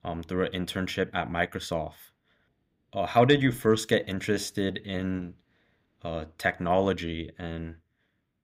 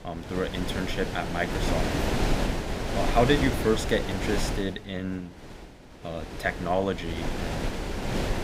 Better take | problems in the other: first | wind noise on the microphone; heavy; 3 dB below the speech

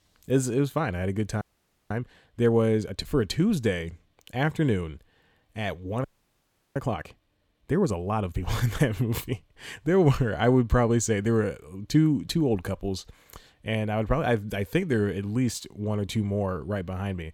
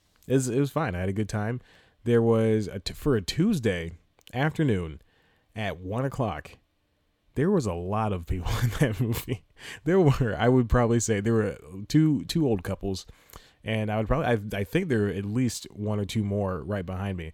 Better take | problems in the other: second | audio freezing; at 1.5 s and at 6 s for 0.5 s

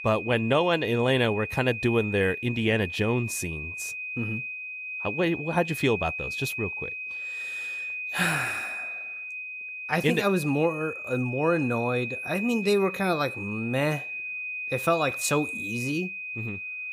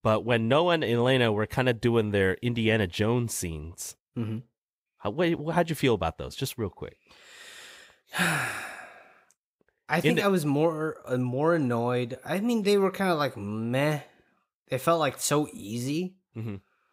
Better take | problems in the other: second | high-pitched whine; loud; throughout; 2.5 kHz, 6 dB below the speech

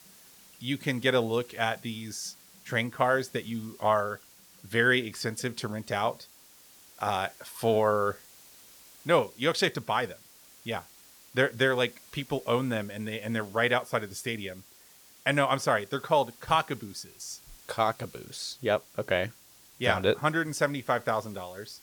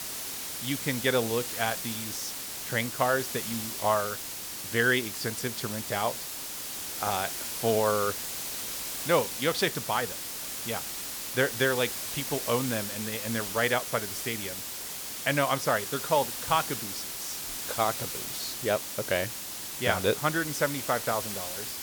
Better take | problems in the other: first | hiss; loud; throughout; 4 dB below the speech; faint in the first

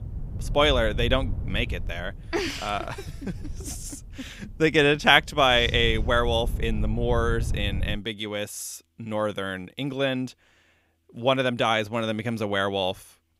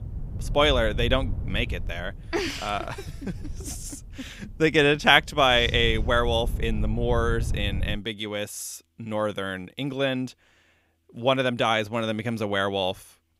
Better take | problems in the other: neither | wind noise on the microphone; occasional gusts; until 8 s; 25 dB below the speech; the same in both

